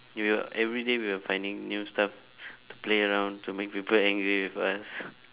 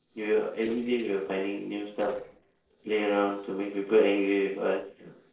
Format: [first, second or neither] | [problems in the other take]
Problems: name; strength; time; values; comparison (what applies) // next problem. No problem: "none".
first | noise reduction (neural separator model SepFormer DNS4)